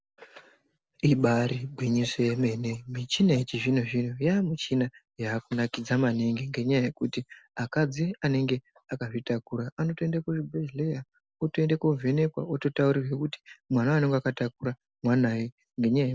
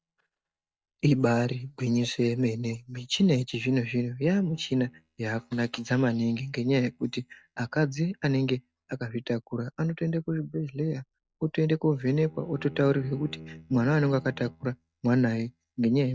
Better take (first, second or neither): first